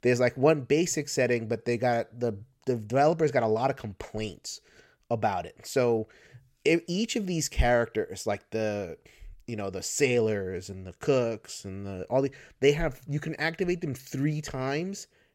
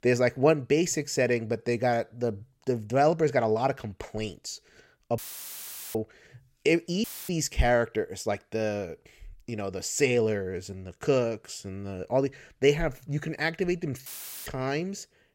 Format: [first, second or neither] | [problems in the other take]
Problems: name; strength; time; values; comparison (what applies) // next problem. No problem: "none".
first | audio cutting out; filled with static; at 5 s for 1 s, at 7 s and at 14 s